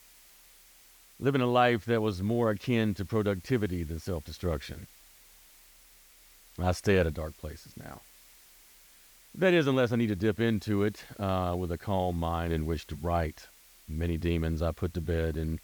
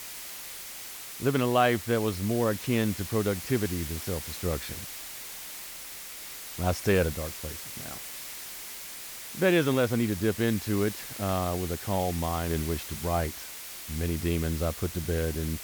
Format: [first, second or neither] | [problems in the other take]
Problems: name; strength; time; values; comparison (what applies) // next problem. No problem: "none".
first | hiss; loud; throughout; 9 dB below the speech; faint in the first